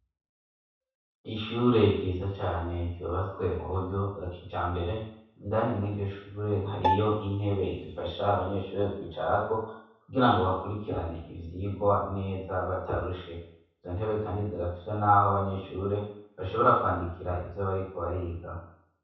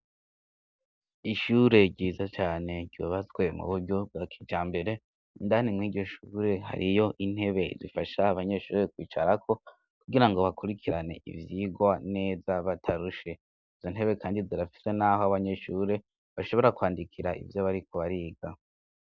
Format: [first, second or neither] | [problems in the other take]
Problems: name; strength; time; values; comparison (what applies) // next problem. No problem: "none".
second | background sound (Bowed string instrument); 3 dB below the speech // room echo; dies away in 0.7 s